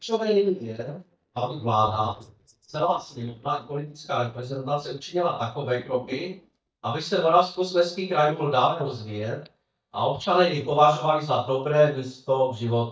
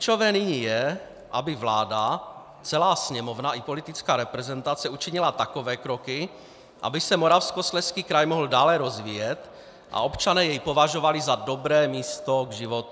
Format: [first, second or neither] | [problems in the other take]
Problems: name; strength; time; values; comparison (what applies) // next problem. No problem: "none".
second | noise reduction (neural mask model DeepFilterNet 3)